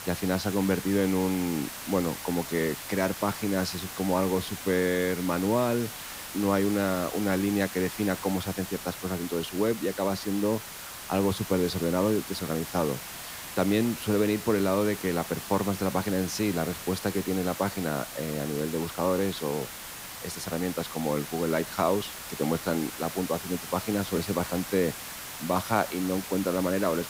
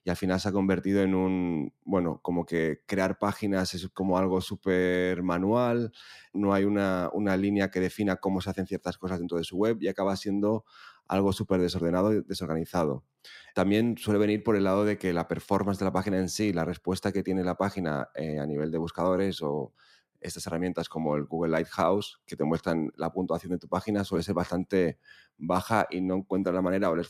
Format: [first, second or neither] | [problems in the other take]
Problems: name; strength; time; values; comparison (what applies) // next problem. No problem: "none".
second | hiss; loud; throughout; 9 dB below the speech